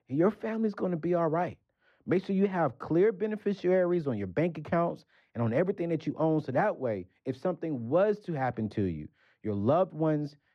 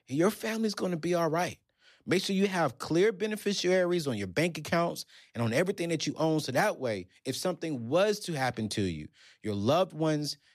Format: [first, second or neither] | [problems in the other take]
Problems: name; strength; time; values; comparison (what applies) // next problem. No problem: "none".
second | muffled; very; fading above 3 kHz